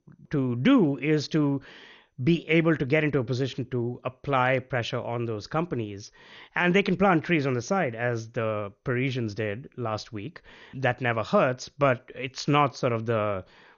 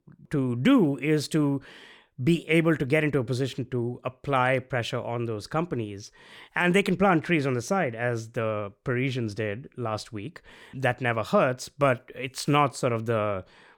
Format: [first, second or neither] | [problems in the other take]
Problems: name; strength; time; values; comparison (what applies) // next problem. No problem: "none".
second | garbled, watery; slightly; nothing above 6.5 kHz